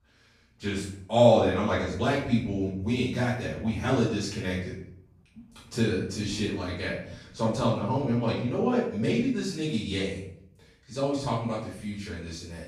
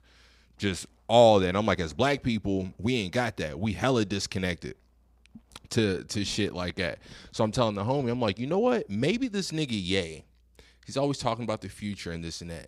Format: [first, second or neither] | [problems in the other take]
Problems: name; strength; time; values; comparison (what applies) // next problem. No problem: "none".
second | off-mic speech; far // room echo; noticeable; dies away in 0.6 s